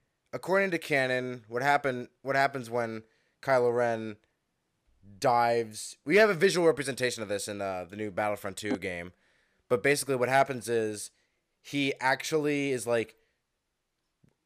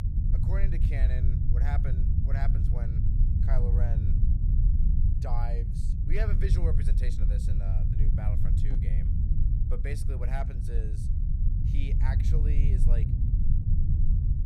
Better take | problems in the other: first | low rumble; loud; throughout; 1 dB below the speech

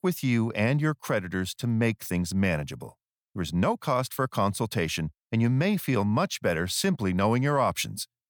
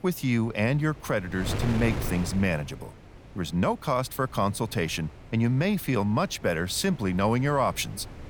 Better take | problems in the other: first | wind noise on the microphone; occasional gusts; 15 dB below the speech

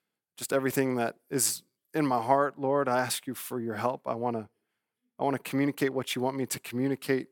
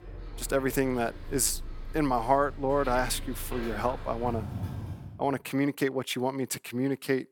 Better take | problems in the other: first | traffic noise; noticeable; until 5 s; 10 dB below the speech

